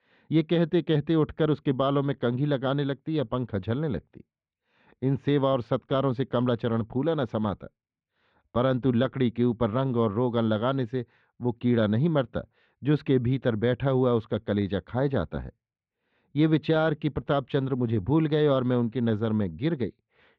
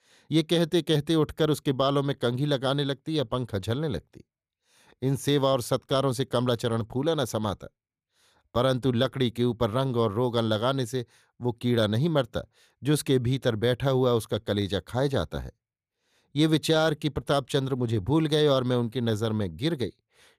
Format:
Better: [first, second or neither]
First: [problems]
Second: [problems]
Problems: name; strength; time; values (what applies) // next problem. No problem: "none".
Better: second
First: muffled; very; fading above 3 kHz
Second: none